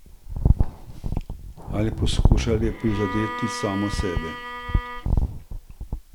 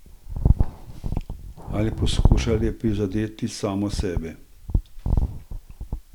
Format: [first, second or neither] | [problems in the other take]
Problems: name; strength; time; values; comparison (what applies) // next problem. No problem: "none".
second | background sound (Bowed string instrument); 11 dB below the speech